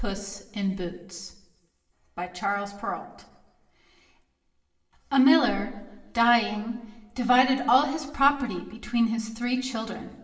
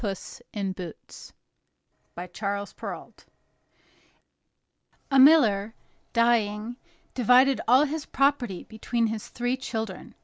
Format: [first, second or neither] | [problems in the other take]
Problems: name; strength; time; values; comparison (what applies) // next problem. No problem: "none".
second | room echo; dies away in 0.8 s